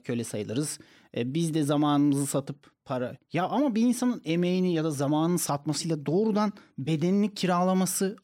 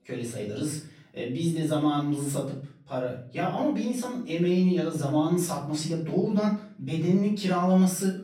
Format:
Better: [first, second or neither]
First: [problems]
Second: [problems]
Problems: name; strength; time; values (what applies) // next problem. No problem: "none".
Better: first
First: none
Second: off-mic speech; far // room echo; slight; dies away in 0.4 s